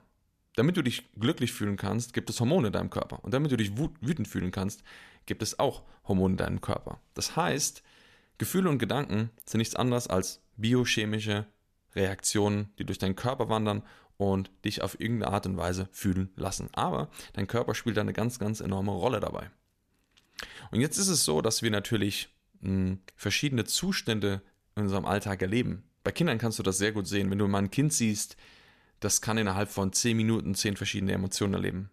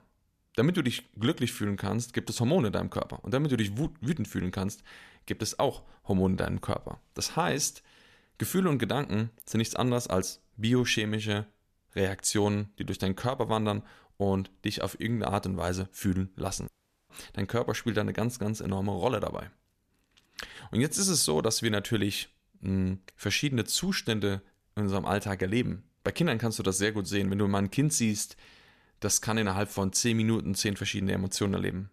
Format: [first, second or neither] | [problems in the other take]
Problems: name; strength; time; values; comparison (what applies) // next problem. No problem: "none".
first | audio cutting out; at 17 s